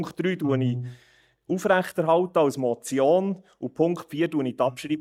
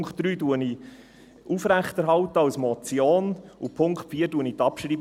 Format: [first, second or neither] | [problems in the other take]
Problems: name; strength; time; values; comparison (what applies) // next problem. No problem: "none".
second | noise reduction (neural mask model DeepFilterNet 3)